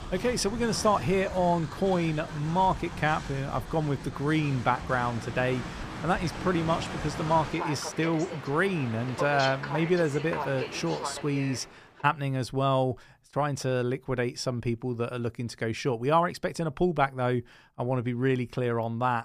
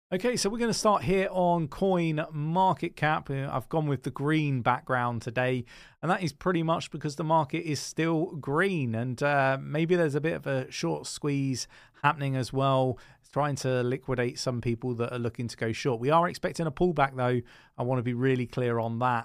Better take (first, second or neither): second